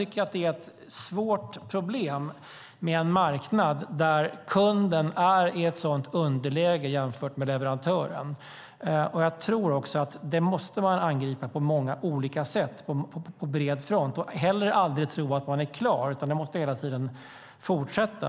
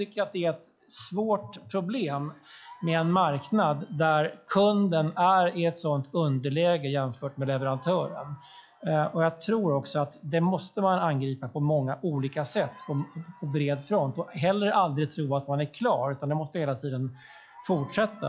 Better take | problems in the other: first | noise reduction (classical method log-MMSE)

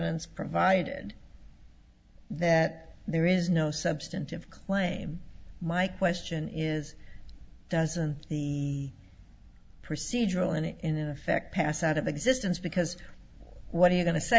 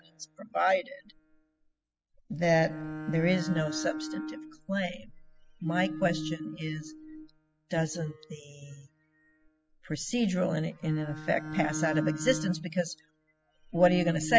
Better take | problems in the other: first | noise reduction (classical method spectral subtraction)

